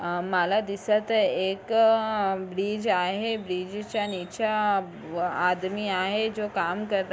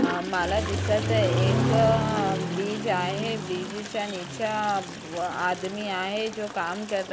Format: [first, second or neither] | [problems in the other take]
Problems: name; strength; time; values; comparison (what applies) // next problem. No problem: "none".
first | background sound (Toilet flush + Accelerating, revving, vroom); 1 dB below the speech